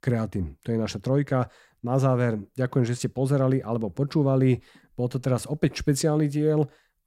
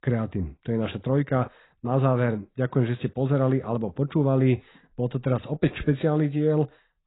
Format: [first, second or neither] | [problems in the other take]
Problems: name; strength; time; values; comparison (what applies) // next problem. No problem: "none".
first | garbled, watery; badly; nothing above 4 kHz